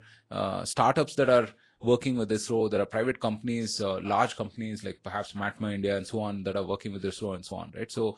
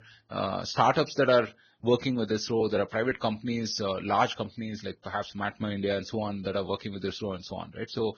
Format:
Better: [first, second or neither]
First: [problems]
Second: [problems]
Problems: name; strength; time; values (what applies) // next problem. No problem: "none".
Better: first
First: garbled, watery; slightly; nothing above 10.5 kHz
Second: garbled, watery; badly; nothing above 6.5 kHz